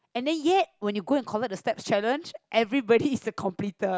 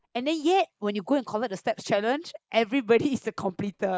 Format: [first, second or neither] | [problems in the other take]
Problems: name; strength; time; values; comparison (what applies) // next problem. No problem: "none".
first | noise reduction (neural mask model Resemble Enhance denoiser)